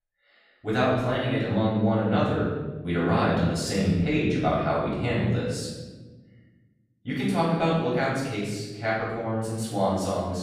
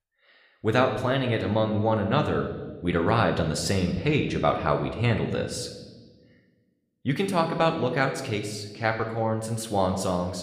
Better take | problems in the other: second | room echo; strong; dies away in 1.2 s; slight in the second // off-mic speech; far

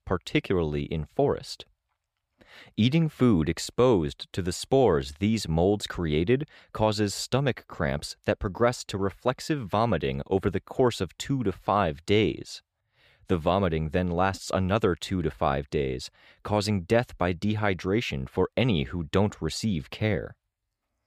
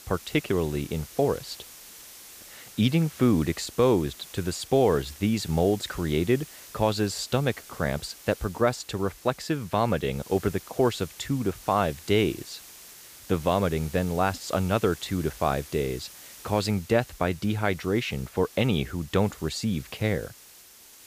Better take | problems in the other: first | hiss; noticeable; throughout; 20 dB below the speech

